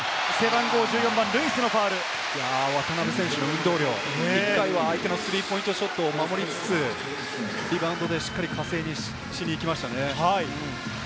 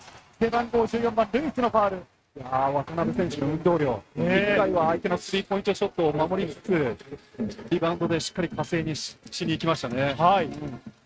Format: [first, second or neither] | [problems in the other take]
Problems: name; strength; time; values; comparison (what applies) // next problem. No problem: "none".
first | noise reduction (neural mask model RNNoise)